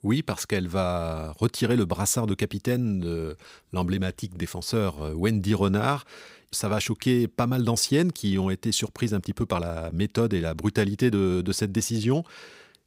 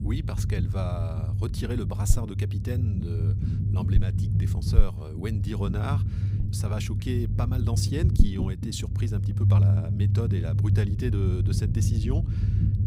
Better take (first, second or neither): first